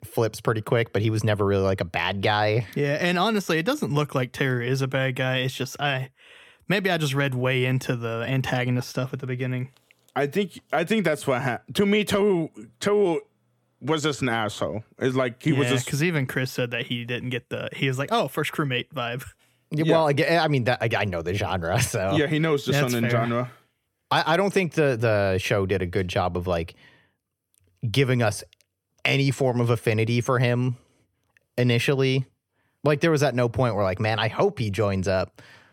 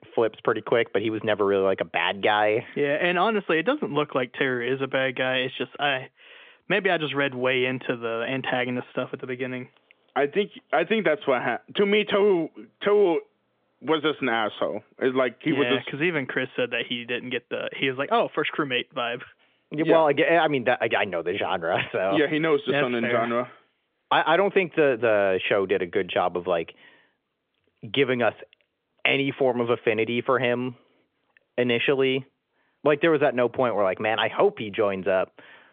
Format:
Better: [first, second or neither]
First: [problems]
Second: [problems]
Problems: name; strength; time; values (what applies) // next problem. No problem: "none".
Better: first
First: none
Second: phone-call audio; nothing above 3.5 kHz